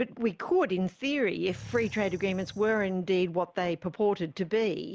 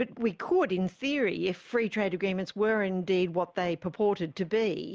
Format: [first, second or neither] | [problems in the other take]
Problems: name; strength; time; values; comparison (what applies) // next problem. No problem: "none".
second | background sound (Animal); 18 dB below the speech